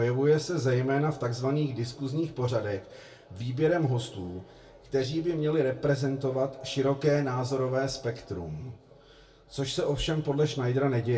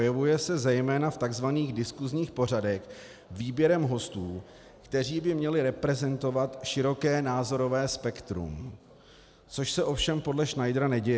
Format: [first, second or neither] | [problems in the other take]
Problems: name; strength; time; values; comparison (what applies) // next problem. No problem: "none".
second | room echo; dies away in 0.2 s